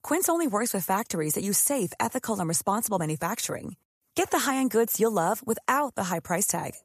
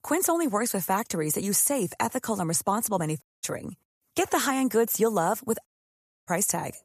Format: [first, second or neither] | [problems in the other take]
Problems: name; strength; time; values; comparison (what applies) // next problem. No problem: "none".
first | audio cutting out; at 3 s and at 5.5 s for 0.5 s